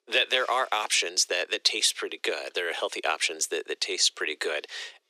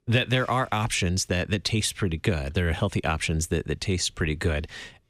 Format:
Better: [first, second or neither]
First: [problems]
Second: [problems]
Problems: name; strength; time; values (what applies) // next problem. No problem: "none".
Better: second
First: thin; very; fading below 400 Hz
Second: none